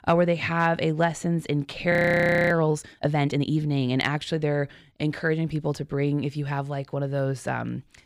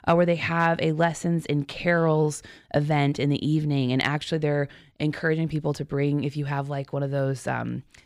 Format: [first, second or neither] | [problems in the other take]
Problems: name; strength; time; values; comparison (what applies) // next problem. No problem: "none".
second | audio freezing; at 2 s for 0.5 s